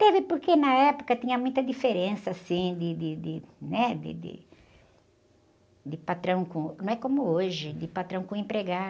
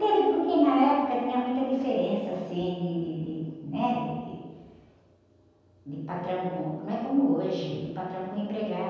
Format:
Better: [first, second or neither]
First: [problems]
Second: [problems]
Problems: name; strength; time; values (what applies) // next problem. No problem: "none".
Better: first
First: none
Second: room echo; dies away in 1.2 s